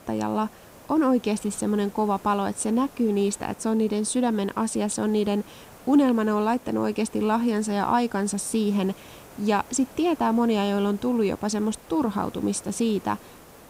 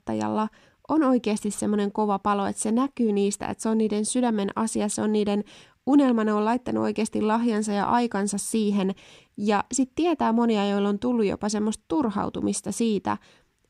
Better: second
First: hiss; faint; throughout; 20 dB below the speech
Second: none

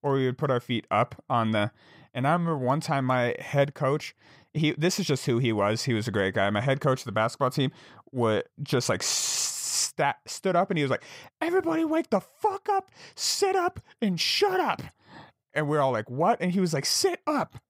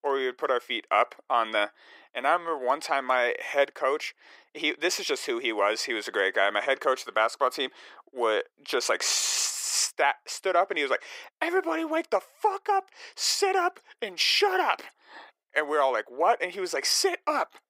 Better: first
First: none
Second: thin; very; fading below 350 Hz

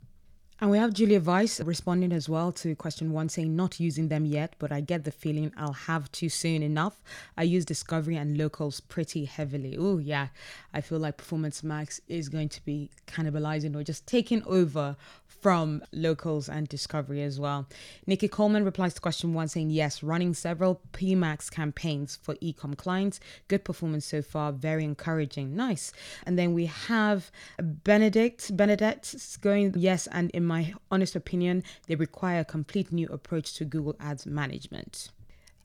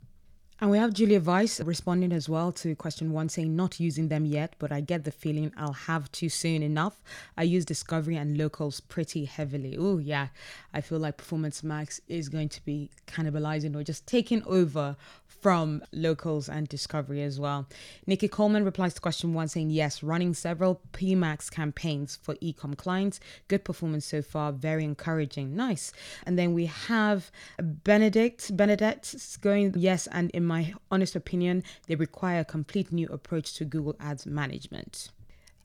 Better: neither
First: none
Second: none

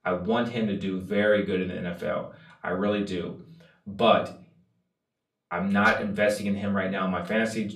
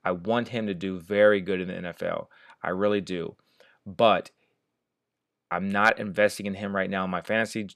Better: second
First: off-mic speech; far // room echo; very slight; dies away in 0.4 s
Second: none

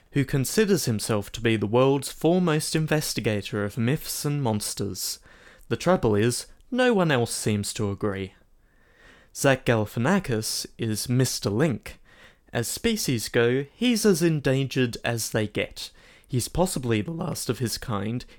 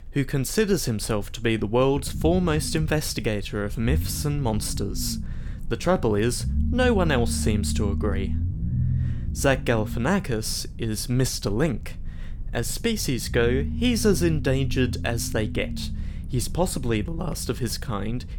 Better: first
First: none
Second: low rumble; noticeable; throughout; 15 dB below the speech

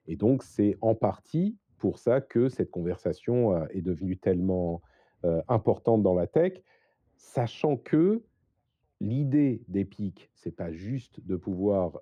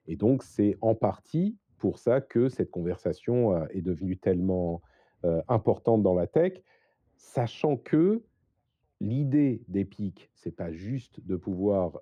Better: neither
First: muffled; very; fading above 2.5 kHz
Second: muffled; very; fading above 2.5 kHz

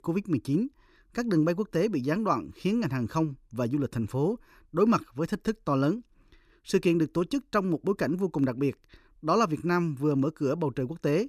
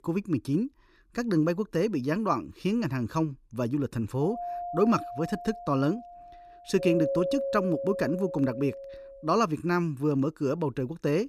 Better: first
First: none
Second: doorbell; noticeable; from 4 to 9 s; peak 1 dB below the speech

